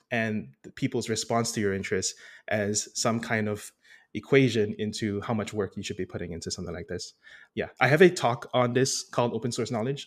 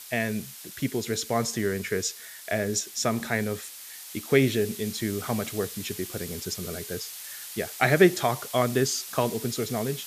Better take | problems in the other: first | hiss; noticeable; throughout; 10 dB below the speech

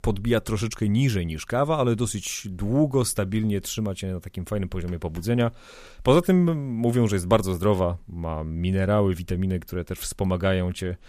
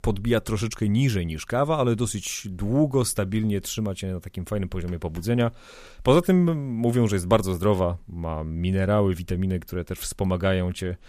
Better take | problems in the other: neither | none

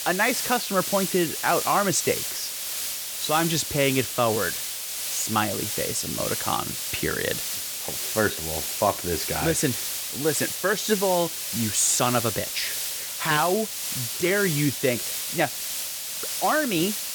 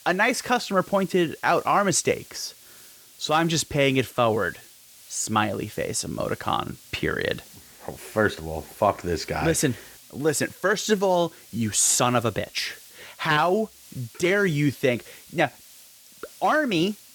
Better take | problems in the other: second | hiss; loud; throughout; 2 dB below the speech; faint in the second

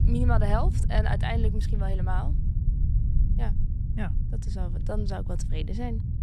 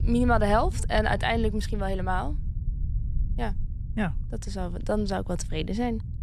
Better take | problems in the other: second | low rumble; loud; throughout; 8 dB below the speech; faint in the second

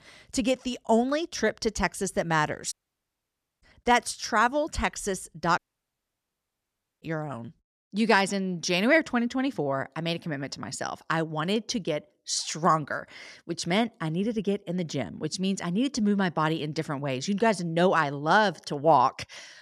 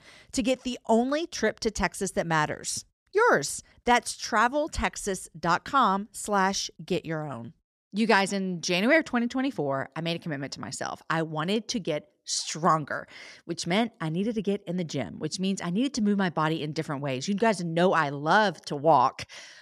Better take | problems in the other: second | audio cutting out; at 2.5 s for 1 s and at 5.5 s for 1.5 s

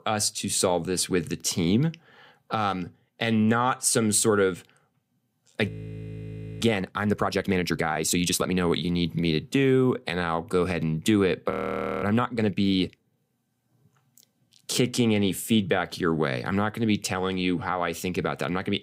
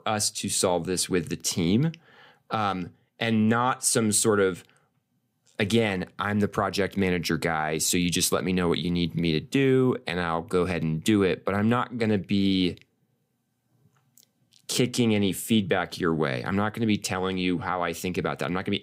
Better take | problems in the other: second | audio freezing; at 5.5 s for 1 s and at 12 s for 0.5 s

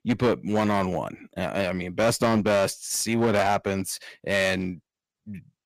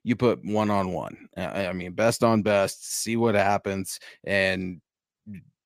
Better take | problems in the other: second | distortion; slight; 8% of the sound clipped

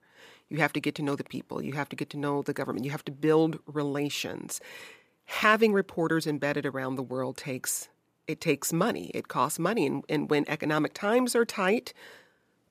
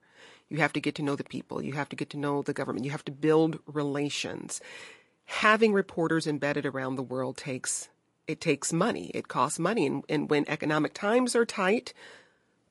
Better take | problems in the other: first | garbled, watery; slightly; nothing above 11 kHz

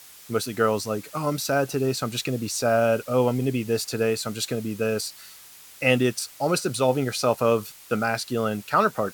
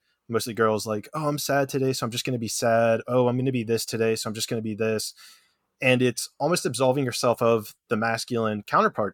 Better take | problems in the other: second | hiss; noticeable; throughout; 20 dB below the speech

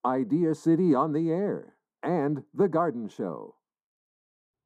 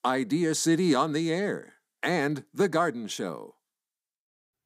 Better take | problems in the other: second | muffled; very; fading above 1.5 kHz

